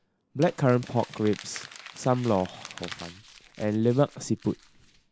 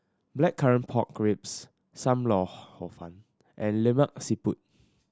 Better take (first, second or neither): second